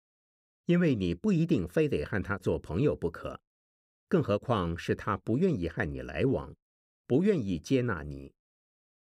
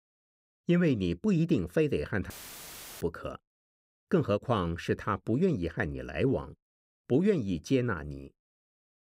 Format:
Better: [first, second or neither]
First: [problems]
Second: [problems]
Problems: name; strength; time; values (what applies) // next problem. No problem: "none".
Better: first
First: none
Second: audio cutting out; filled with static; at 2.5 s for 0.5 s